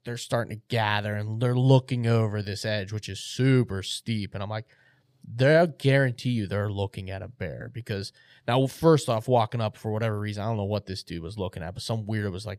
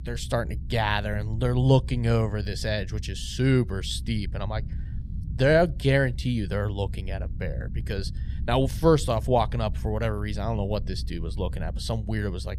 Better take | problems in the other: first | low rumble; faint; throughout; 20 dB below the speech

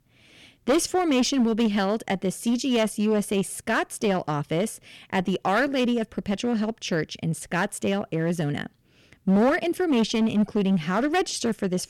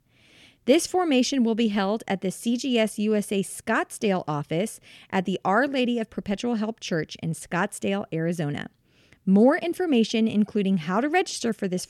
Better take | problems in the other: second | distortion; slight; 7% of the sound clipped

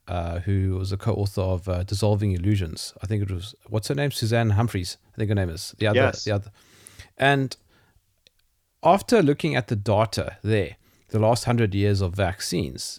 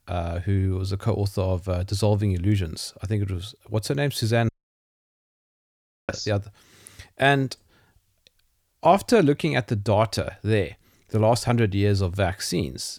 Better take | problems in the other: first | audio cutting out; at 4.5 s for 1.5 s

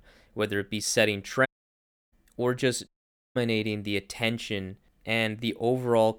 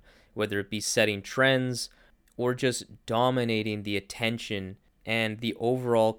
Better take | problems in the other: second | audio cutting out; at 1.5 s for 0.5 s and at 3 s

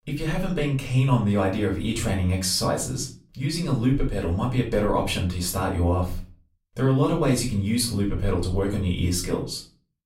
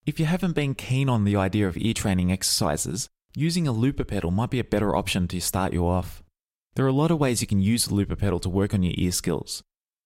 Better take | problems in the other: second | off-mic speech; far // room echo; slight; dies away in 0.3 s

